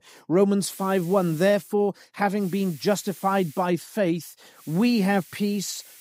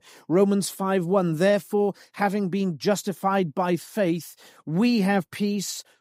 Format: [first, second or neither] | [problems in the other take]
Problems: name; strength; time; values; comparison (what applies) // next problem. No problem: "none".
second | hiss; faint; at 0.5 s, from 2.5 to 3.5 s and from 4.5 s on; 20 dB below the speech